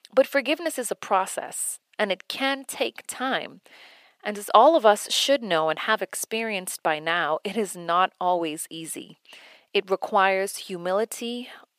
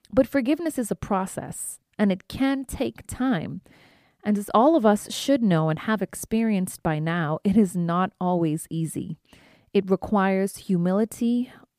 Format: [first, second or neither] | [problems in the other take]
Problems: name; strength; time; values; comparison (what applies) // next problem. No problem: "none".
second | thin; very; fading below 600 Hz